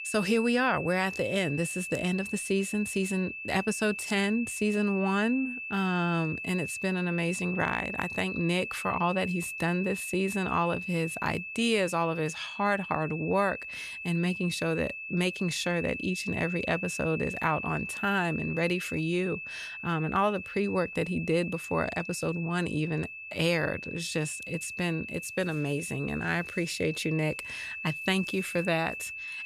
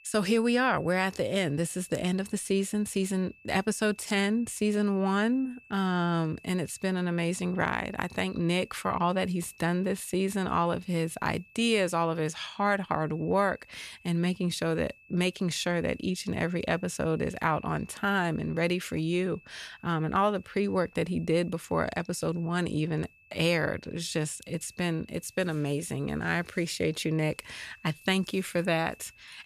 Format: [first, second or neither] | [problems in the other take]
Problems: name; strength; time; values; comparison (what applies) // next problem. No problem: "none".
second | high-pitched whine; loud; throughout; 2.5 kHz, 7 dB below the speech; faint in the second